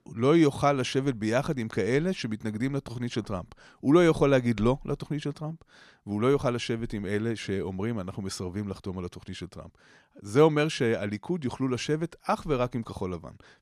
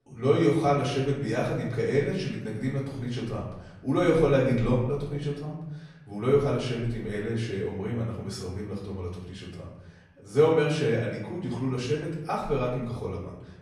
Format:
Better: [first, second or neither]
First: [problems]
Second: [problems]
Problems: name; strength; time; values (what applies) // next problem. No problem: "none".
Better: first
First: none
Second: room echo; noticeable; dies away in 0.9 s // off-mic speech; far